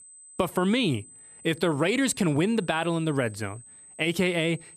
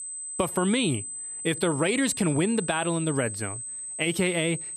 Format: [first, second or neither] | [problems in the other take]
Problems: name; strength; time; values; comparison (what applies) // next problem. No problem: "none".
first | high-pitched whine; loud; throughout; 8 kHz, 7 dB below the speech; faint in the first